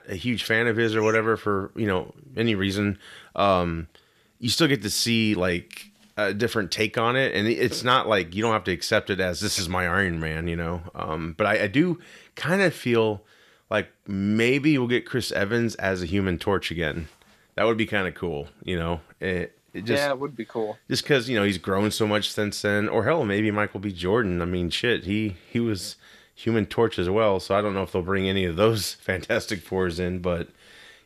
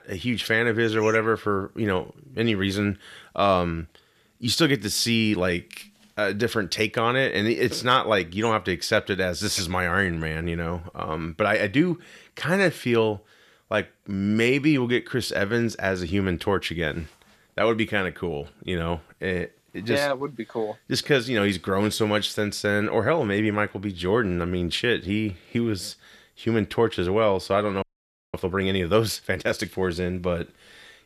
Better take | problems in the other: first | audio freezing; at 28 s for 0.5 s

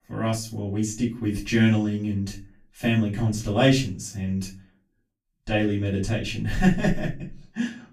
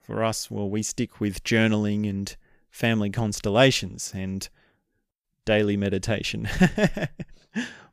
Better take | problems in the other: second | off-mic speech; far // room echo; slight; dies away in 0.3 s

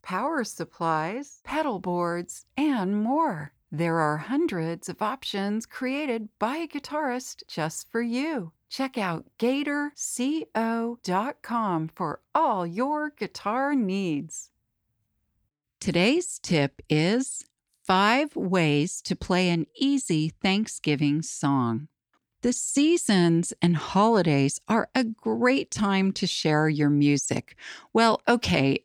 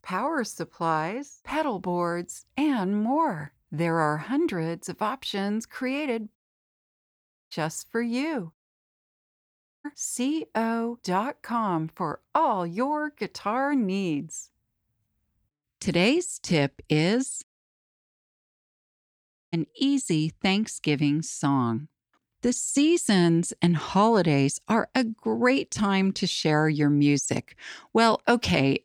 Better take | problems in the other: first | audio cutting out; at 6.5 s for 1 s, at 8.5 s for 1.5 s and at 17 s for 2 s

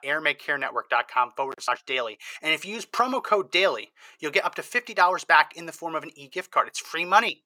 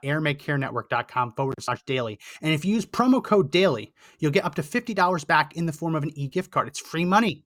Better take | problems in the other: second | thin; very; fading below 600 Hz

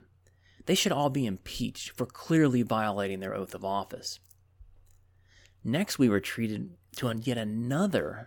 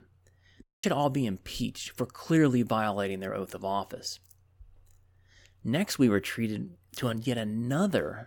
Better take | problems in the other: first | audio cutting out; at 0.5 s

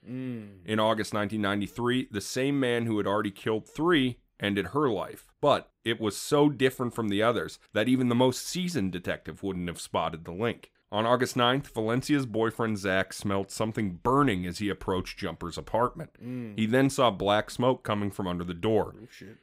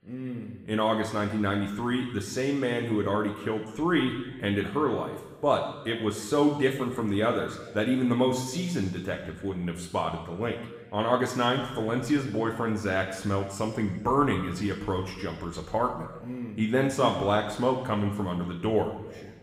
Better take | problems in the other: first | room echo; noticeable; dies away in 1.2 s // off-mic speech; somewhat distant

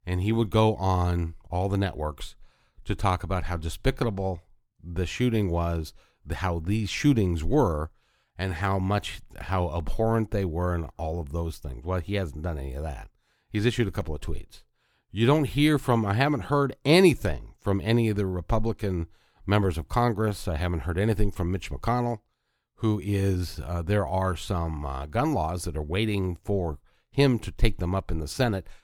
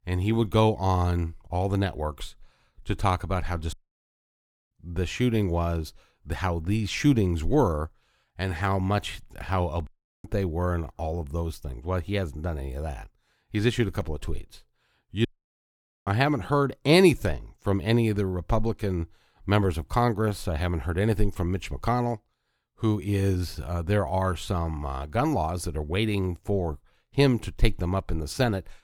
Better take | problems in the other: first | audio cutting out; at 3.5 s for 1 s, at 10 s and at 15 s for 1 s

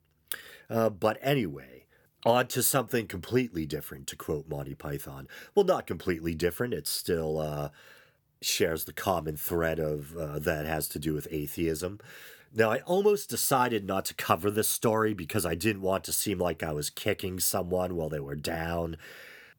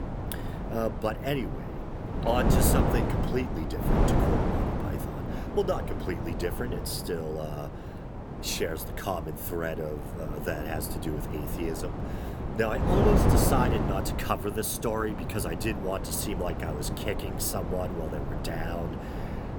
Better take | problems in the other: first | wind noise on the microphone; heavy; 2 dB below the speech

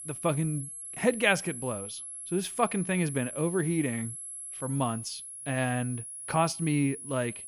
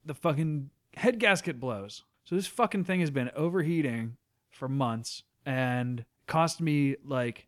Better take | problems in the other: second | high-pitched whine; loud; throughout; 11 kHz, 8 dB below the speech

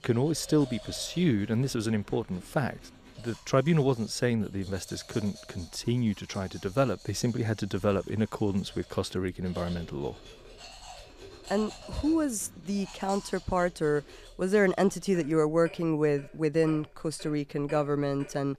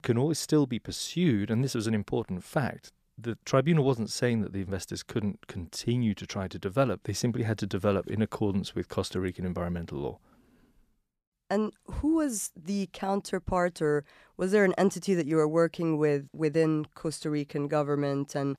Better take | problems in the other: second | household noises; noticeable; throughout; 20 dB below the speech

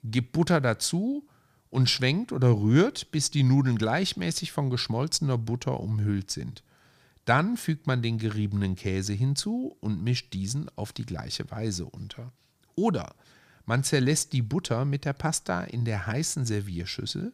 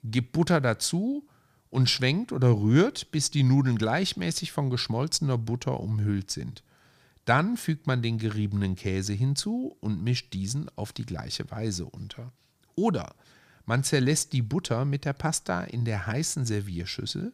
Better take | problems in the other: neither | none

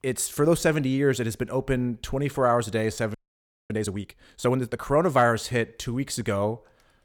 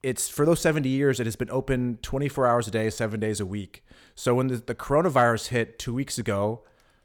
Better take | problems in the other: second | audio freezing; at 3 s for 0.5 s

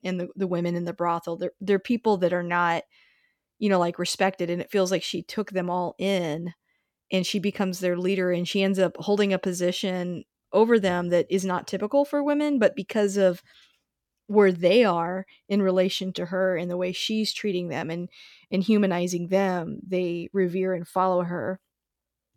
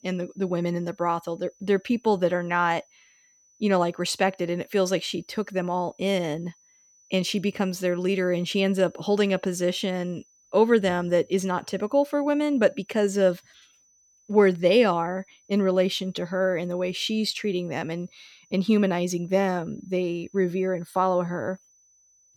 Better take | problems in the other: first | high-pitched whine; faint; throughout; 6 kHz, 35 dB below the speech

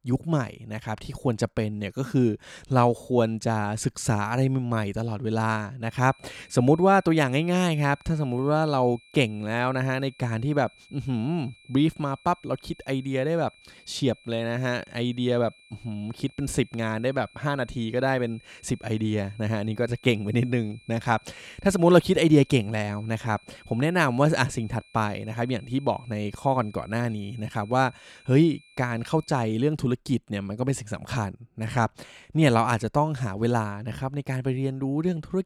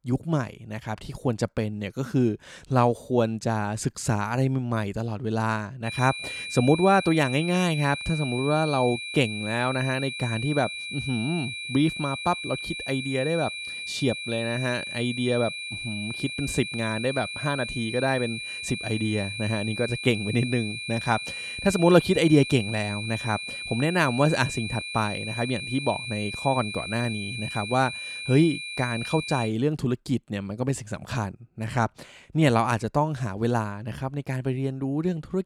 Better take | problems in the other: first | high-pitched whine; loud; from 6 to 29 s; 2.5 kHz, 6 dB below the speech; faint in the first

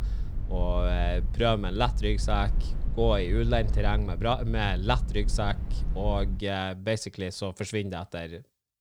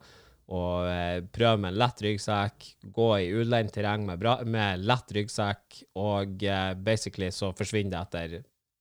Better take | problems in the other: second | low rumble; noticeable; until 6.5 s; 20 dB below the speech

